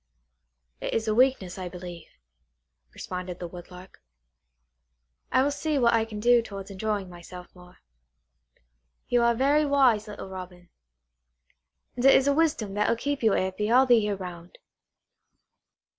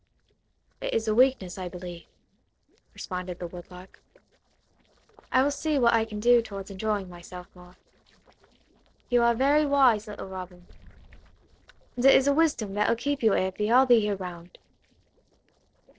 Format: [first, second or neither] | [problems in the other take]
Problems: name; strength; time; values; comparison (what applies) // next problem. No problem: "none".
first | noise reduction (neural separator model SepFormer DNS4)